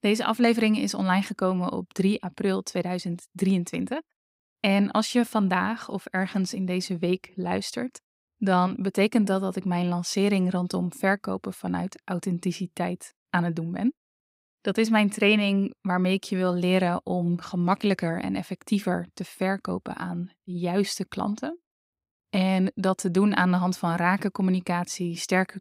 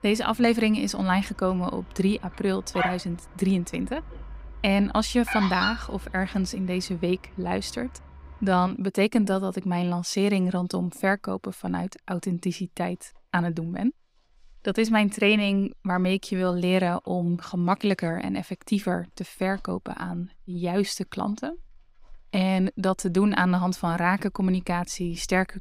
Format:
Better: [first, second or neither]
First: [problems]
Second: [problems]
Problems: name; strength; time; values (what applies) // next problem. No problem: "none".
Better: first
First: none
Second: animal sounds; noticeable; throughout; 10 dB below the speech